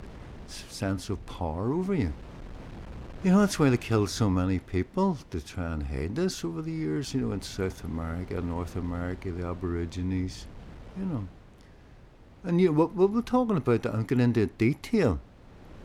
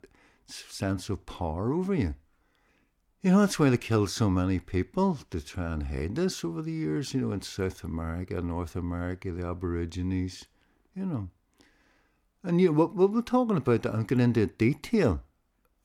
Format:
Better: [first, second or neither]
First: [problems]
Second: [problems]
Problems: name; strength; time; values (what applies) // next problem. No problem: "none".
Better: second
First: wind noise on the microphone; occasional gusts; 20 dB below the speech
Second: none